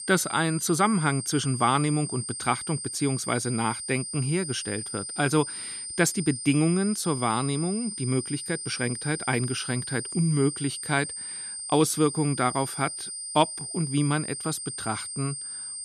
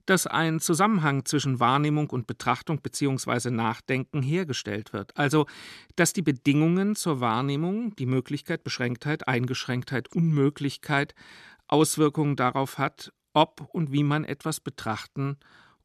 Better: second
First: high-pitched whine; loud; throughout; 8.5 kHz, 6 dB below the speech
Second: none

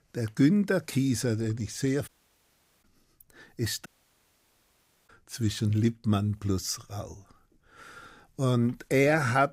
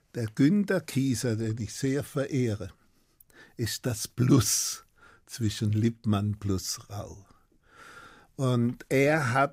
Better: second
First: audio cutting out; at 2 s for 1 s and at 4 s for 1 s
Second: none

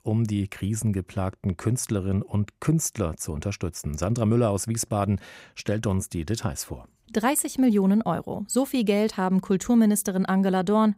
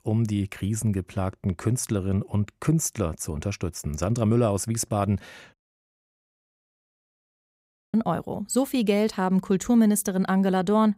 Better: first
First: none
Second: audio cutting out; at 5.5 s for 2.5 s

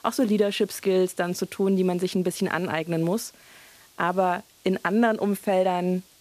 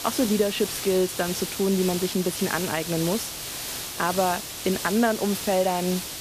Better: first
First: hiss; faint; throughout; 25 dB below the speech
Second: hiss; loud; throughout; 5 dB below the speech

